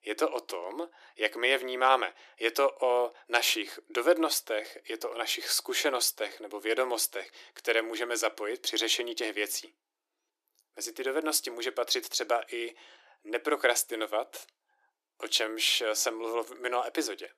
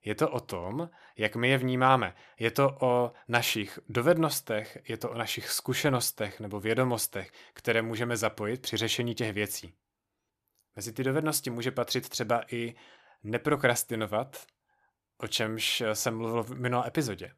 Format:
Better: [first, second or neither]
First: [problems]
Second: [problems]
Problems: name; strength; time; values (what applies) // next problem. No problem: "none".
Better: second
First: thin; very; fading below 300 Hz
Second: none